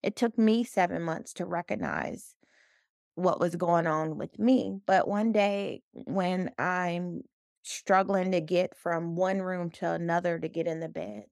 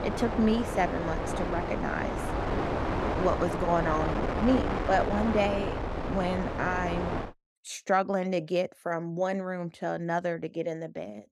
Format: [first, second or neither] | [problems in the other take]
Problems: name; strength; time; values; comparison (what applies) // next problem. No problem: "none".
first | wind noise on the microphone; heavy; until 7.5 s; 2 dB below the speech